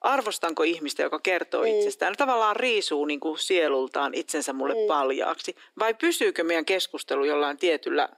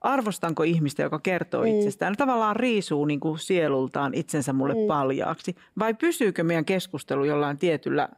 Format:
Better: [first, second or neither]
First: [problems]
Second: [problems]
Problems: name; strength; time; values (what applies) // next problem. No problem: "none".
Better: second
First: thin; somewhat; fading below 300 Hz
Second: none